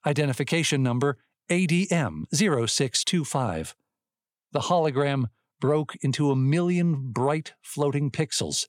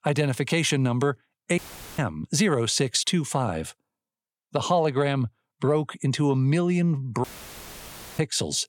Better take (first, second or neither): first